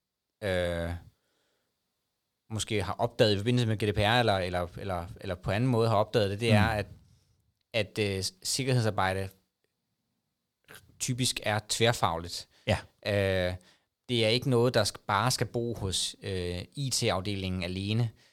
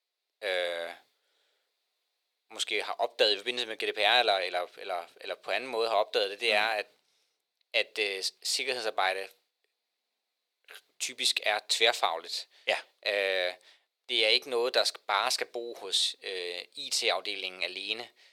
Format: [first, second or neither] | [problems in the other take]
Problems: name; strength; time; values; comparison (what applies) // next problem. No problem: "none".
first | thin; very; fading below 400 Hz